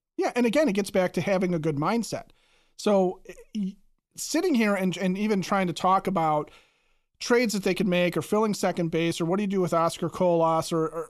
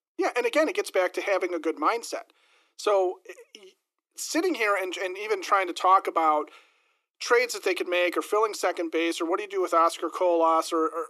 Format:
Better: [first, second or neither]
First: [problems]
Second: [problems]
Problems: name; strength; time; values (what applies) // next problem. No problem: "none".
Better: first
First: none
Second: thin; very; fading below 300 Hz